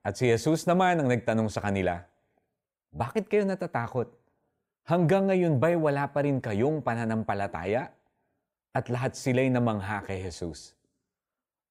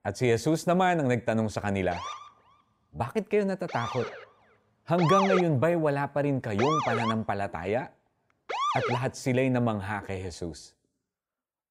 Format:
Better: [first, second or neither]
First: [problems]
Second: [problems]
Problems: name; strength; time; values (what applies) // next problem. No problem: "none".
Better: first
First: none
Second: siren; loud; from 2 to 9 s; peak 2 dB above the speech